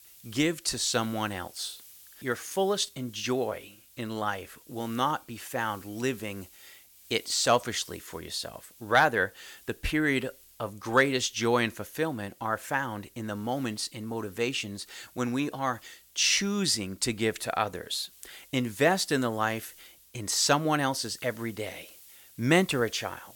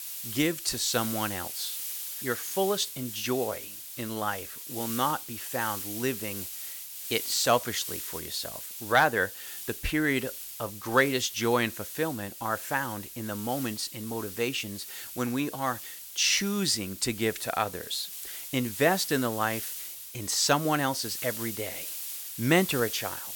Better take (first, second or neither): first